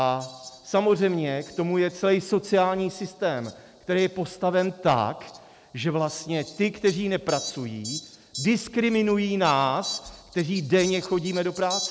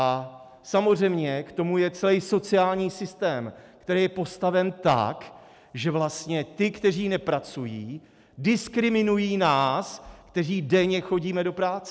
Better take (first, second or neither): second